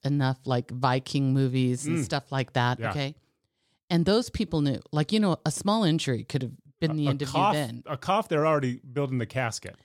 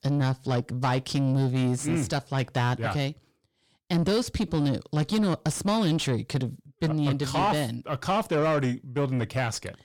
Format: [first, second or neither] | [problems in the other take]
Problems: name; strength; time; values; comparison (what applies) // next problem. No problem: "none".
first | distortion; slight; 10 dB below the speech